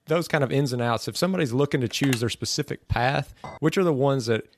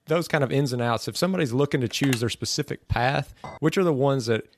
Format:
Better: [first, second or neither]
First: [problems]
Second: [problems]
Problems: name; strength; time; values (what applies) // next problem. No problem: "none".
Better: neither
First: phone ringing; noticeable; at 2 s; peak 8 dB below the speech // clattering dishes; faint; at 3.5 s; peak 20 dB below the speech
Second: phone ringing; noticeable; at 2 s; peak 8 dB below the speech // clattering dishes; faint; at 3.5 s; peak 20 dB below the speech